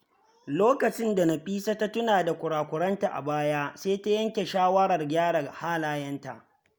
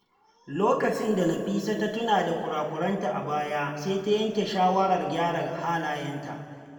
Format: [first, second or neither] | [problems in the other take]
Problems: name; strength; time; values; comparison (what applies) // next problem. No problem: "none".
first | room echo; dies away in 2.1 s